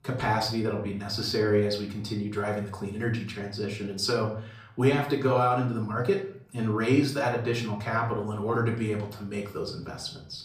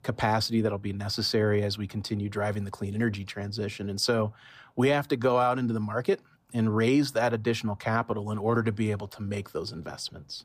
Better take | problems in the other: second | room echo; slight; dies away in 0.4 s // off-mic speech; somewhat distant

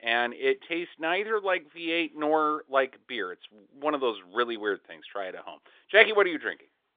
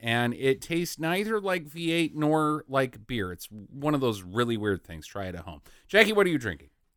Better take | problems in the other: second | phone-call audio

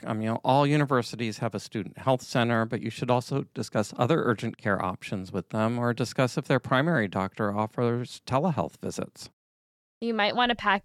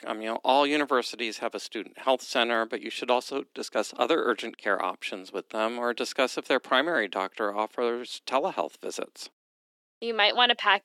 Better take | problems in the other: first | thin; somewhat; fading below 300 Hz

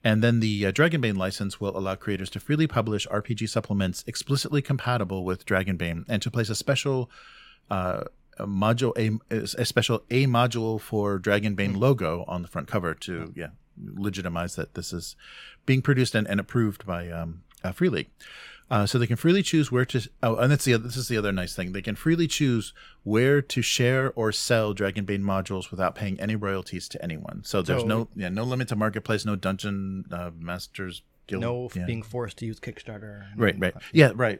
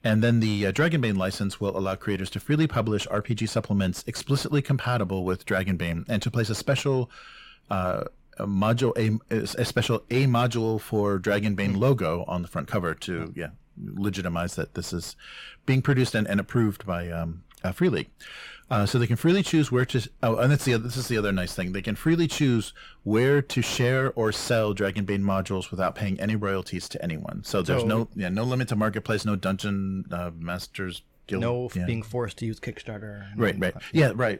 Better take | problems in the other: first | distortion; slight; 10 dB below the speech

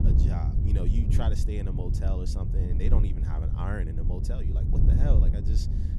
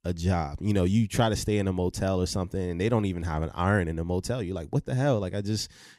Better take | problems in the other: second | wind noise on the microphone; heavy; 1 dB below the speech

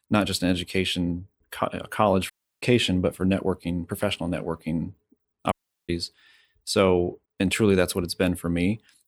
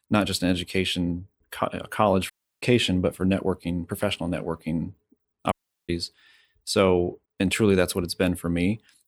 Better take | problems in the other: neither | audio cutting out; at 2.5 s and at 5.5 s; the same in both

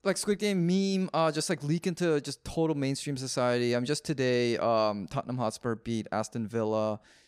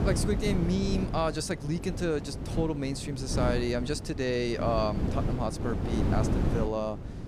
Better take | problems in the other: first | wind noise on the microphone; heavy; 7 dB below the speech

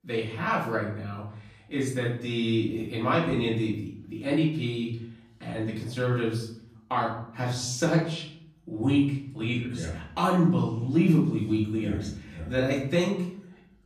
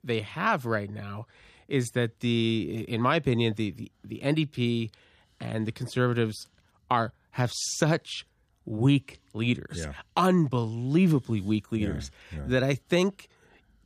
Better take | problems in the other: second | room echo; noticeable; dies away in 0.6 s // off-mic speech; far

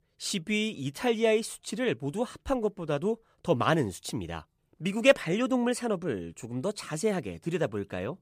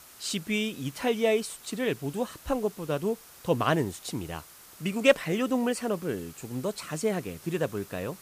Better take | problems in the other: first | hiss; noticeable; throughout; 20 dB below the speech

